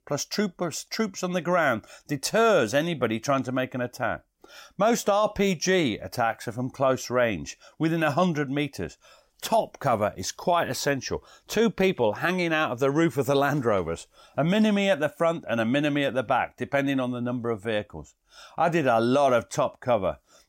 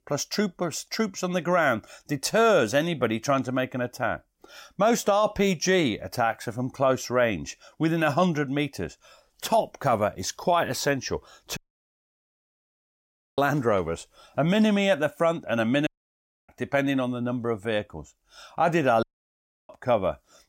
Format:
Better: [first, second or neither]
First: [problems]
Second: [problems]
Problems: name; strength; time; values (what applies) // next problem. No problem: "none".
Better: first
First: none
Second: audio cutting out; at 12 s for 2 s, at 16 s for 0.5 s and at 19 s for 0.5 s